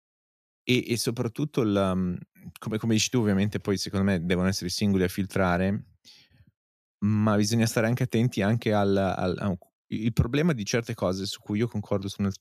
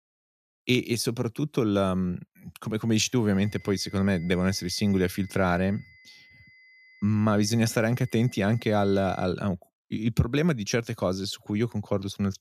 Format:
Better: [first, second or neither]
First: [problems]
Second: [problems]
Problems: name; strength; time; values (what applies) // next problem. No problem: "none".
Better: first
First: none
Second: high-pitched whine; faint; from 3.5 to 9.5 s; 2 kHz, 25 dB below the speech